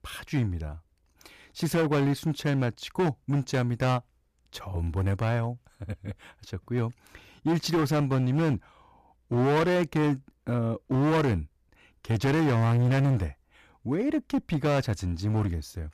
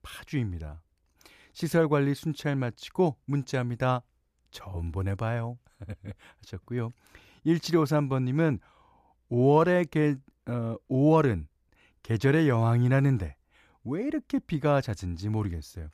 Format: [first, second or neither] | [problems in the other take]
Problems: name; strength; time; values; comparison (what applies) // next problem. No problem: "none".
second | distortion; heavy; 13% of the sound clipped